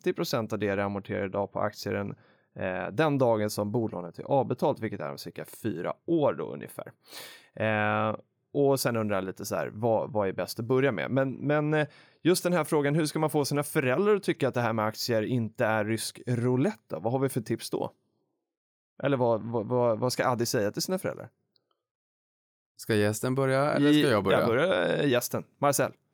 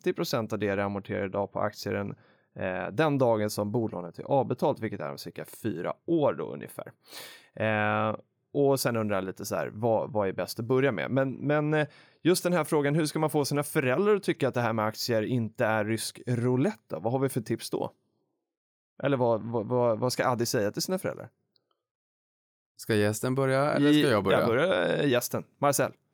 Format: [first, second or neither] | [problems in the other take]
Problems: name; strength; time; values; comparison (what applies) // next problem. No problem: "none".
neither | none